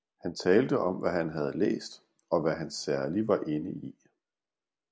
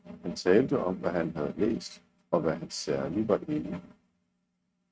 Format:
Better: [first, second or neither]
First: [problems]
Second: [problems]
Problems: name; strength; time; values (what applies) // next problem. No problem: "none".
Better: first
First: none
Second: noise reduction (neural mask model RNNoise)